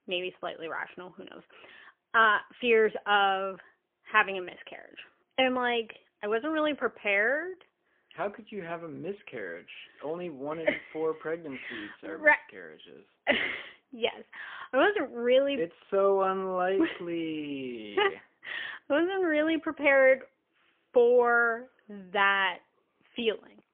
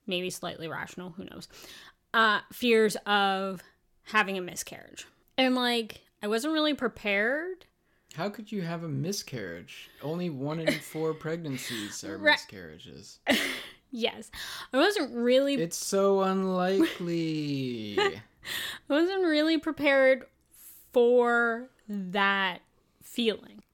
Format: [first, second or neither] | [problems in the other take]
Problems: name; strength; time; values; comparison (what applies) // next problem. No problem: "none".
second | phone-call audio; poor line; nothing above 3.5 kHz